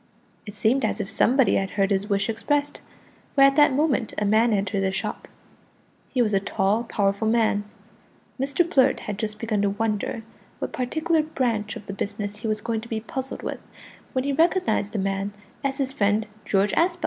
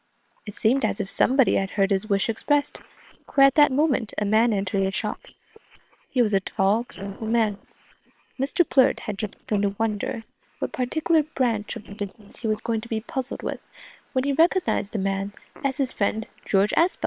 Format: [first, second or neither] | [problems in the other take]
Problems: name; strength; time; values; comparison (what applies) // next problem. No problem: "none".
first | noise reduction (neural separator model SepFormer WHAM!)